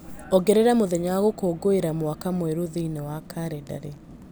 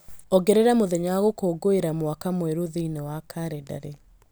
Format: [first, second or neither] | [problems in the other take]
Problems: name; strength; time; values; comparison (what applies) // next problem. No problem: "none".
second | background sound (Vehicle); 20 dB below the speech